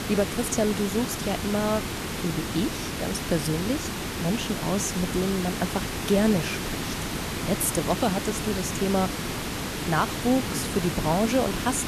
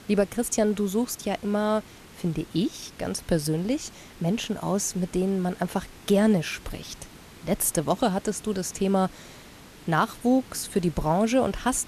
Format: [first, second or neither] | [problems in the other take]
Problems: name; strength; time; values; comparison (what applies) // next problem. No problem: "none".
second | hiss; loud; throughout; 3 dB below the speech; faint in the second